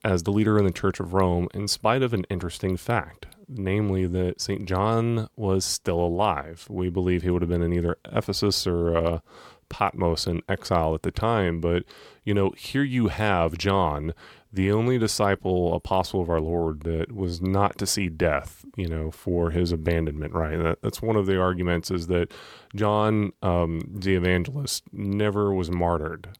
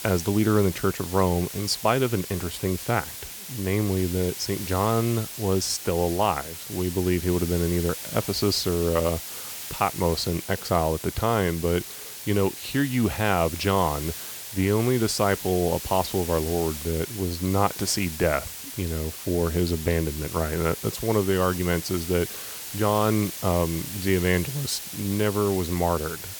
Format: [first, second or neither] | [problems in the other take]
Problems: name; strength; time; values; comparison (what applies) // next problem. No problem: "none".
first | hiss; loud; throughout; 9 dB below the speech